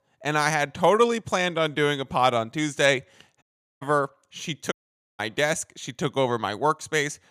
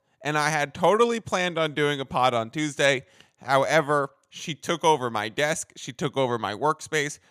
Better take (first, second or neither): second